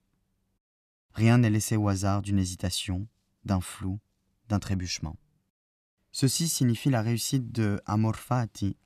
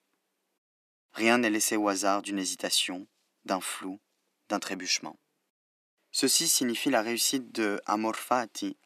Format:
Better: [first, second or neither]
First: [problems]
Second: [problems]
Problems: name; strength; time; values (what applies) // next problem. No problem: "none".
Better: first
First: none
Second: thin; somewhat; fading below 300 Hz